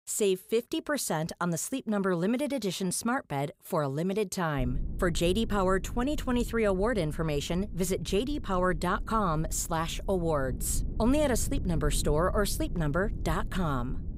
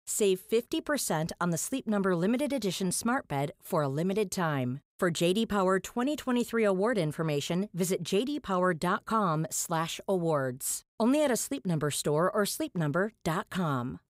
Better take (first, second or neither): second